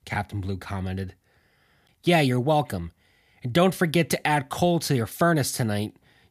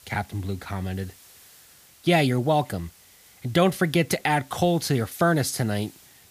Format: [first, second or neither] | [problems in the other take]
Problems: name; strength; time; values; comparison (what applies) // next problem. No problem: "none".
first | hiss; faint; throughout; 25 dB below the speech